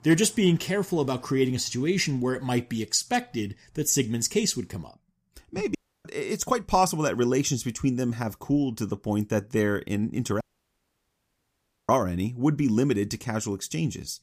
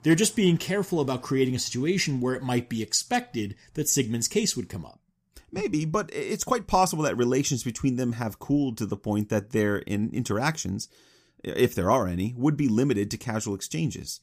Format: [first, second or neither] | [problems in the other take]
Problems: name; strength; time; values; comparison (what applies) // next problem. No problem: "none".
second | audio cutting out; at 6 s and at 10 s for 1.5 s